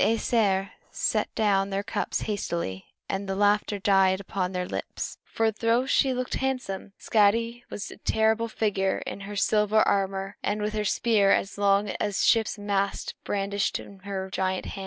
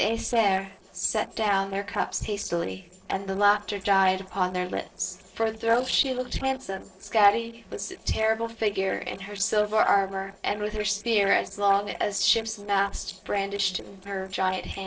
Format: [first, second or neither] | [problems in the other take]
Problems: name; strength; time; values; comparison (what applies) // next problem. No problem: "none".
first | noise reduction (neural separator model SepFormer DNS4)